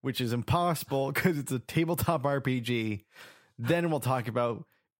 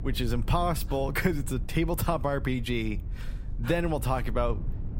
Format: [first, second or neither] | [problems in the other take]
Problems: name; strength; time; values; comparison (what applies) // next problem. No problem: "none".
first | low rumble; faint; throughout; 20 dB below the speech